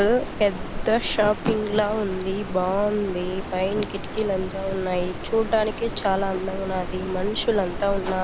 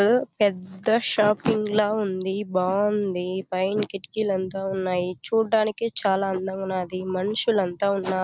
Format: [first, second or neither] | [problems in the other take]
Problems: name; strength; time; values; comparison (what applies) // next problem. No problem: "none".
second | background sound (Stream); 7 dB below the speech